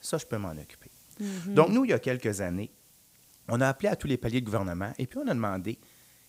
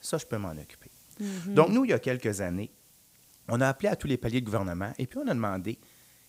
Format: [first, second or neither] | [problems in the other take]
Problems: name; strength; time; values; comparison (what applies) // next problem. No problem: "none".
neither | hiss; faint; throughout; 25 dB below the speech; the same in both